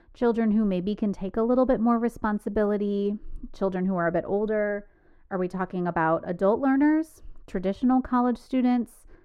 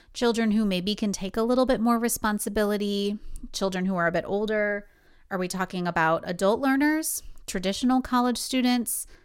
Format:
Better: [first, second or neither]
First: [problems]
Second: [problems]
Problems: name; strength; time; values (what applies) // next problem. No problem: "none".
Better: second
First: muffled; very; fading above 2.5 kHz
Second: none